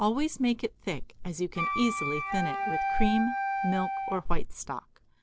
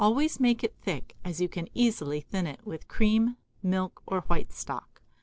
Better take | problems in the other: second | background sound (Wind instrument, woodwind instrument); 2 dB below the speech

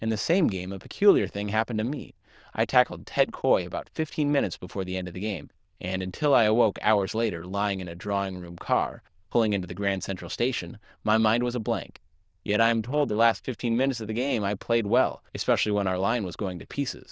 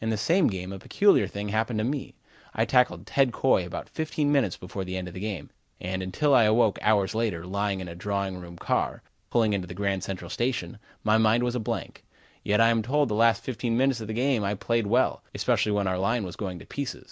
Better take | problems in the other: second | noise reduction (neural diffusion model UNIVERSE++)

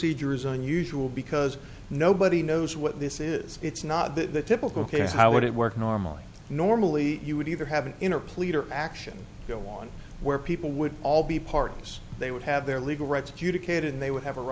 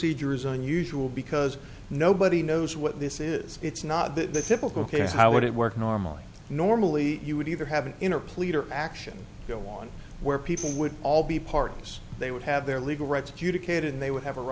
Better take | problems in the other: first | background sound (Tambourine); 17 dB below the speech

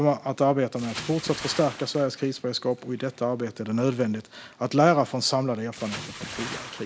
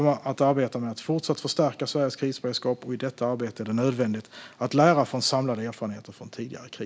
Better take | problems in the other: second | background sound (Bathtub (filling or washing) / Splash, splatter); 16 dB below the speech

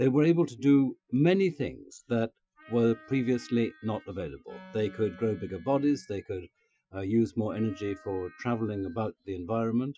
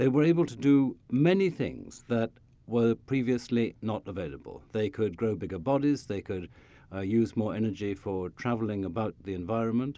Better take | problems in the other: second | noise reduction (classical method Wiener filter)

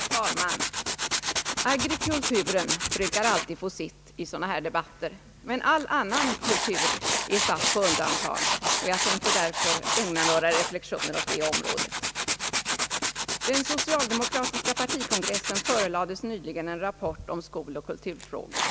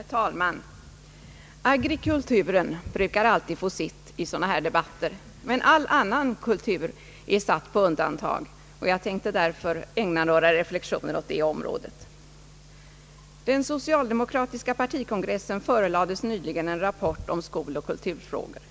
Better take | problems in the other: second | background sound (Tools); as loud as the speech

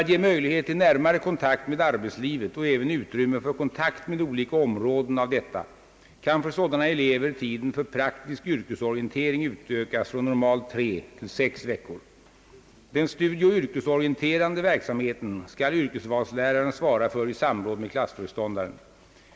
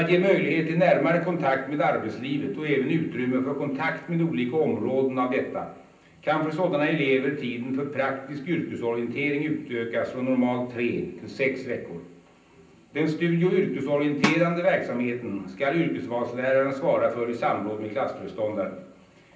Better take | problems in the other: first | background sound (Drum); 7 dB below the speech // room echo; dies away in 0.6 s

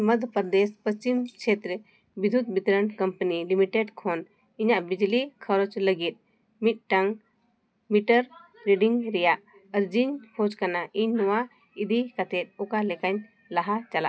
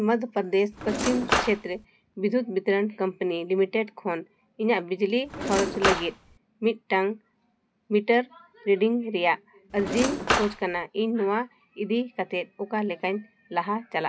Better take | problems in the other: first | background sound (Cutlery, silverware / Drawer open or close); 2 dB below the speech

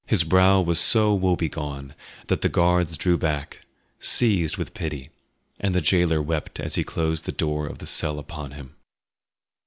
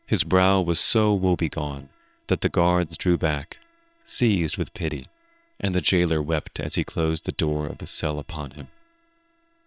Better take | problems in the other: first | noise reduction (neural separator model SepFormer WHAM!)

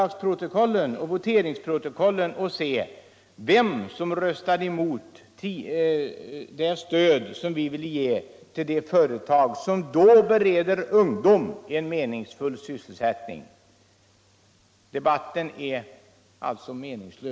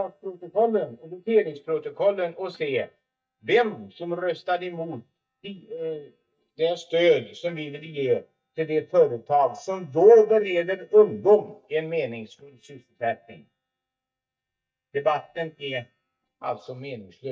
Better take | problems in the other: first | noise reduction (neural mask model DeepFilterNet 3)

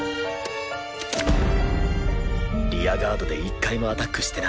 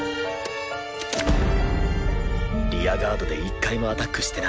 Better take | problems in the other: first | background sound (Wind instrument, woodwind instrument); 17 dB below the speech

